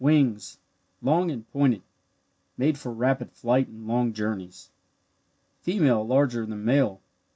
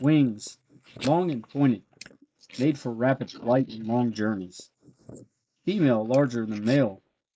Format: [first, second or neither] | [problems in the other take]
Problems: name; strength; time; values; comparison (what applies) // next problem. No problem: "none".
first | noise reduction (neural mask model Resemble Enhance denoiser)